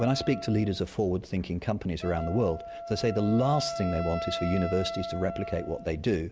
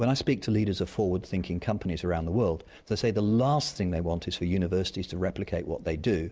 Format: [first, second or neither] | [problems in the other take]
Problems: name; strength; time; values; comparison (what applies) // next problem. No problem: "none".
second | background sound (Wind instrument, woodwind instrument); 9 dB below the speech